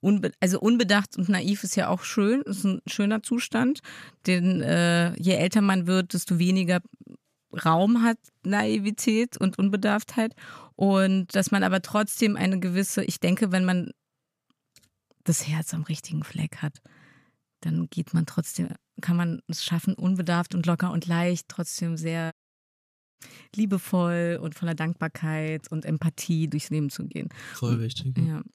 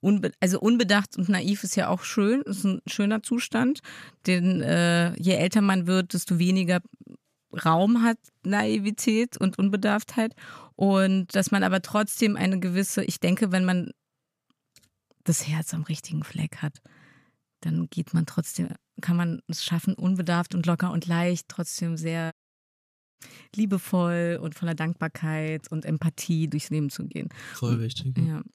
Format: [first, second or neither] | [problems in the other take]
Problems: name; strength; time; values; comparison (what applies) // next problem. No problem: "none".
neither | audio cutting out; at 22 s for 1 s; the same in both